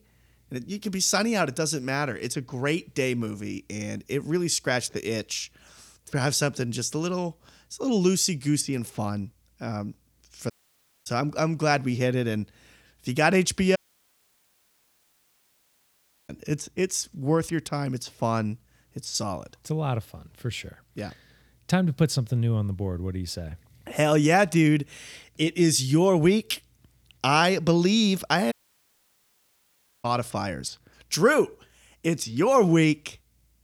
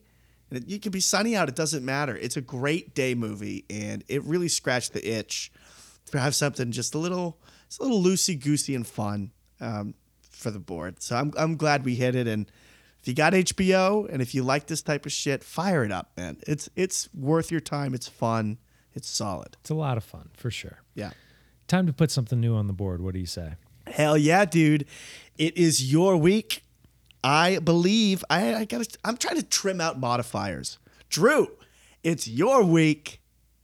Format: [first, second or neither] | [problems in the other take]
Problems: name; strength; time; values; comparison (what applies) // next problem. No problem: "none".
second | audio cutting out; at 11 s for 0.5 s, at 14 s for 2.5 s and at 29 s for 1.5 s